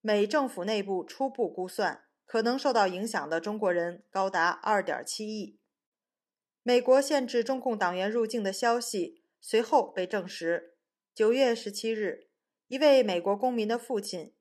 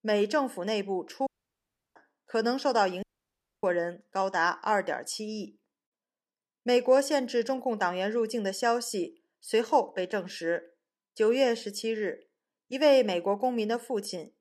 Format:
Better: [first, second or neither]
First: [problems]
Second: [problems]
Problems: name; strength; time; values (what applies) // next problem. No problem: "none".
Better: first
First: none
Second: audio cutting out; at 1.5 s for 0.5 s and at 3 s for 0.5 s